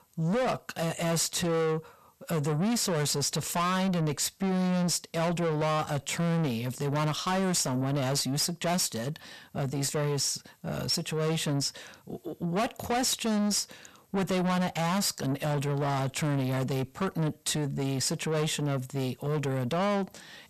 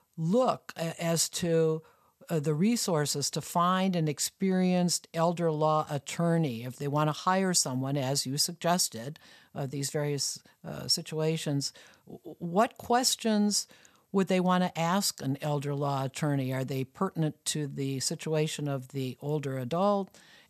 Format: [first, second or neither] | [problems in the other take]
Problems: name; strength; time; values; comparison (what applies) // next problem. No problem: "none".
second | distortion; heavy; 7 dB below the speech